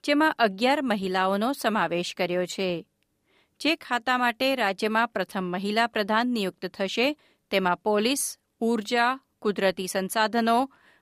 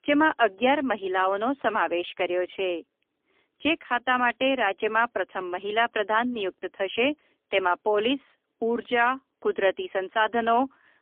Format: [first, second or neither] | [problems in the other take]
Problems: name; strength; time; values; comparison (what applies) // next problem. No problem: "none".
first | phone-call audio; poor line; nothing above 3.5 kHz